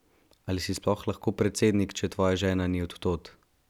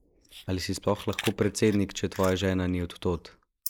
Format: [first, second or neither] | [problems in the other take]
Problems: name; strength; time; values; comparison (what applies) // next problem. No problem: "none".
first | noise reduction (neural mask model Resemble Enhance denoiser)